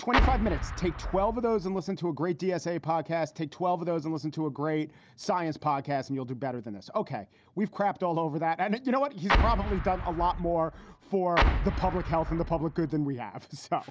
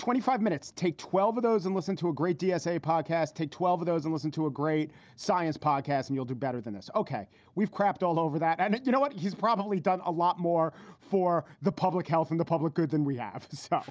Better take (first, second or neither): second